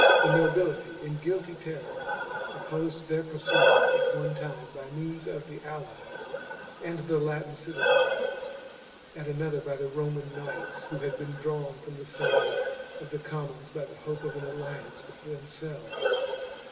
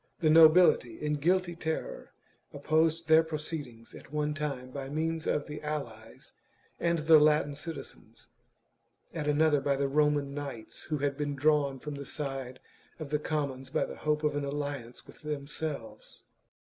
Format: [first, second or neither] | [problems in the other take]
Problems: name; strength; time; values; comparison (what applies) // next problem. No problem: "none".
second | background sound (Breathing); 4 dB above the speech // room echo; dies away in 1.4 s